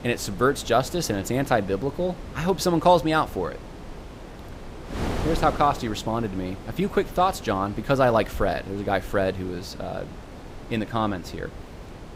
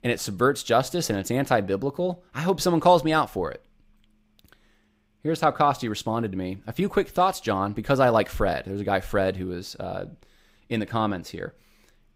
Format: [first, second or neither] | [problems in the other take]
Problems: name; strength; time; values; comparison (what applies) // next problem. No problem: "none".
second | wind noise on the microphone; occasional gusts; 15 dB below the speech